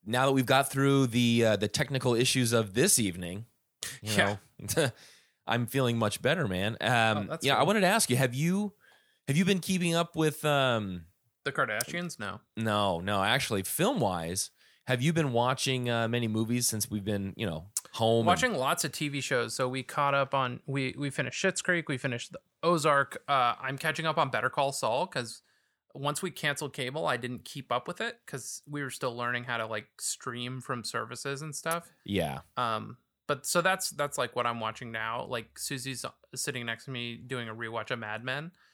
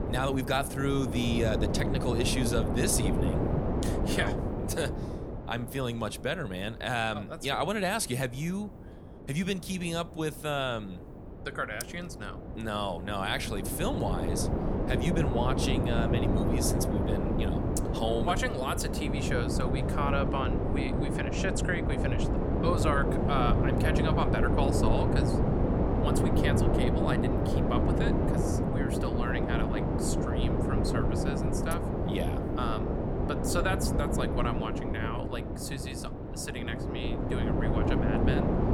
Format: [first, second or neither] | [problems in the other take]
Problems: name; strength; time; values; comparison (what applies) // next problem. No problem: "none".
first | wind noise on the microphone; heavy; 1 dB below the speech